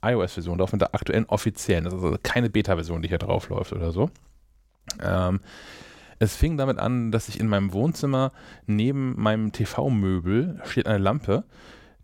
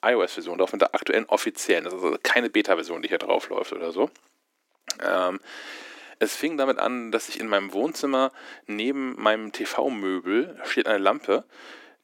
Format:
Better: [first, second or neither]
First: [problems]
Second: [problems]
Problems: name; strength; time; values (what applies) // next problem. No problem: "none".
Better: first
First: none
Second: thin; somewhat; fading below 300 Hz